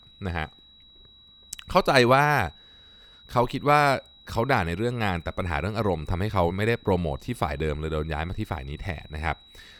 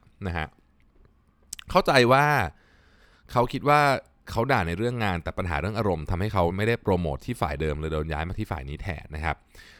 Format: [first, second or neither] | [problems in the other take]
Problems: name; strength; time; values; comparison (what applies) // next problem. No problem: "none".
second | high-pitched whine; faint; throughout; 4 kHz, 25 dB below the speech